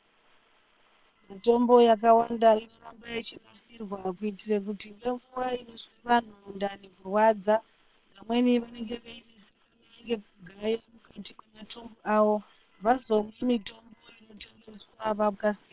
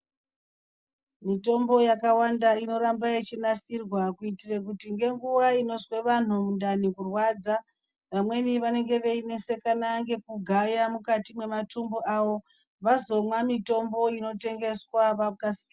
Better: second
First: noise reduction (neural separator model SepFormer WHAM!)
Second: none

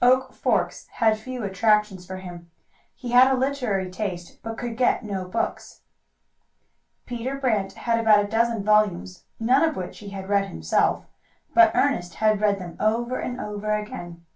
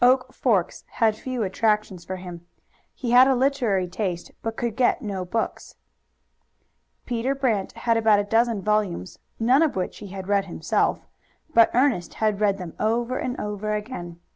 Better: second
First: room echo; dies away in 0.2 s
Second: none

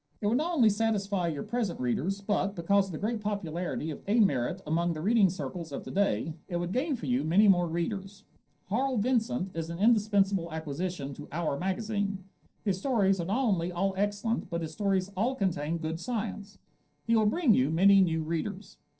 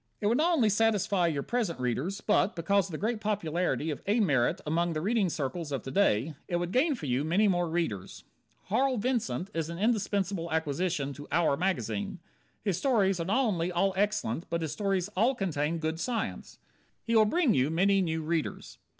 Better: second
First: noise reduction (neural separator model SepFormer DNS4)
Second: none

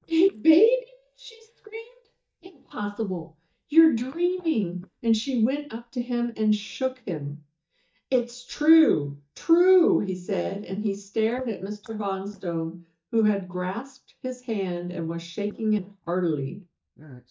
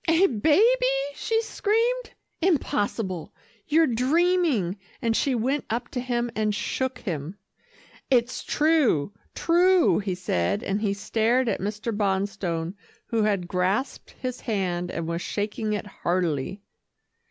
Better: second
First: noise reduction (neural mask model DeepFilterNet 3)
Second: none

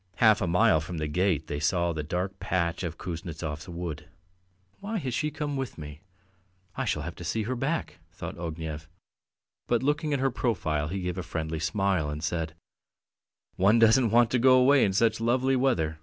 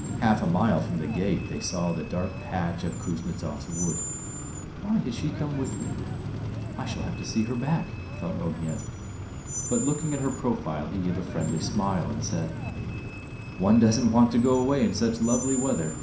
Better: first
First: none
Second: background sound (Screech); 6 dB below the speech // room echo; dies away in 0.5 s

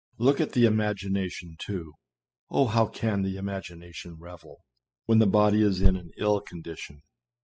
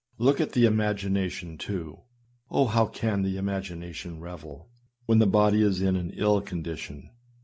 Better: second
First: noise reduction (classical method spectral subtraction)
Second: none

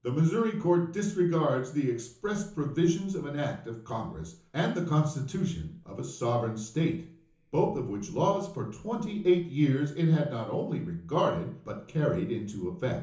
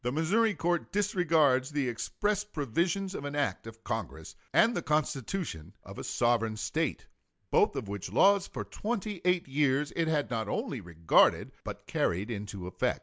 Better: second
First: room echo; dies away in 0.7 s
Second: none

